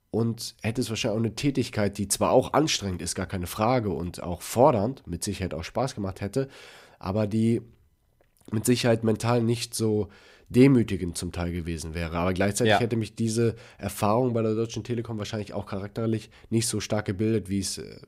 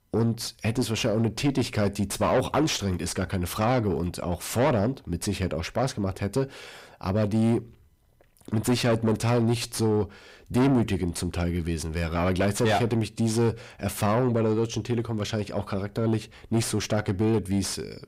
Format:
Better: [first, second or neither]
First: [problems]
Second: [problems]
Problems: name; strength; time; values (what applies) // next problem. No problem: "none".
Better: first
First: none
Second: distortion; heavy; 7 dB below the speech